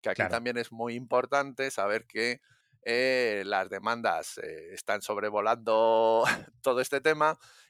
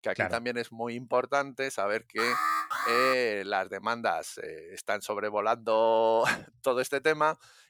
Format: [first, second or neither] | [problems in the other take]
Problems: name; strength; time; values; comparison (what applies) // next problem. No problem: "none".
first | alarm; loud; at 2 s; peak 1 dB above the speech